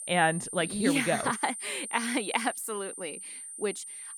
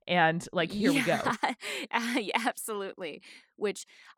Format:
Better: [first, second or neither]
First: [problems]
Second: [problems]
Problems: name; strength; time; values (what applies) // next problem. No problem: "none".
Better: second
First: high-pitched whine; loud; throughout; 9 kHz, 8 dB below the speech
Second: none